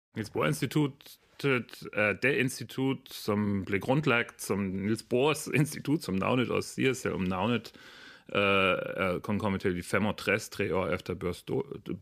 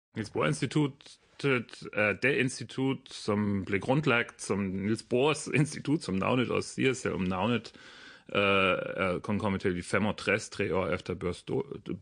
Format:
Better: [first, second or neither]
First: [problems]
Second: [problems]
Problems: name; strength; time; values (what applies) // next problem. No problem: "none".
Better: first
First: none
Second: garbled, watery; slightly; nothing above 9 kHz